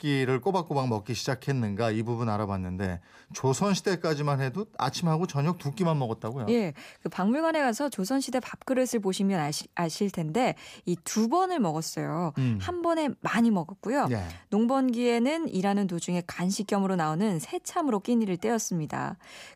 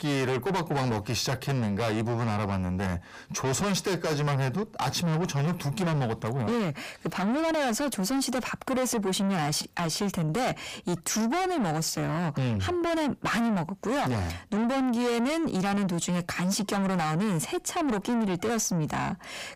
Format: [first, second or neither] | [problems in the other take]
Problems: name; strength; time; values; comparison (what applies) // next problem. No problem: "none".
first | distortion; heavy; 6 dB below the speech